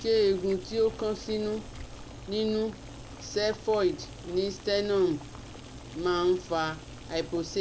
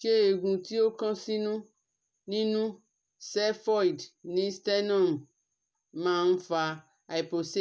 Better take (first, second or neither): second